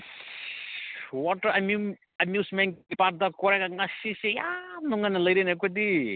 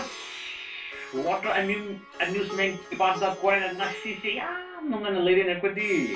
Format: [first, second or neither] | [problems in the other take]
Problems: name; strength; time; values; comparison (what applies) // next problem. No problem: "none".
first | background sound (Plucked string instrument); 15 dB below the speech // room echo; dies away in 0.2 s